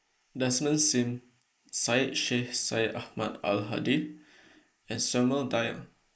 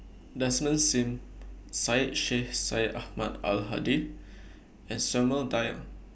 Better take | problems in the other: second | noise reduction (neural mask model Resemble Enhance denoiser)

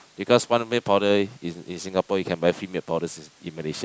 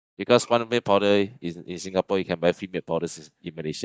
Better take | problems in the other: first | noise reduction (neural mask model DeepFilterNet 3)

